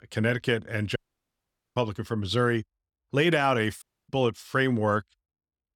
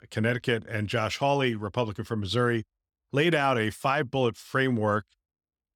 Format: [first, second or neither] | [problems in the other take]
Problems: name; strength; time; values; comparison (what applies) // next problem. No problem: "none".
second | audio cutting out; at 1 s for 1 s and at 4 s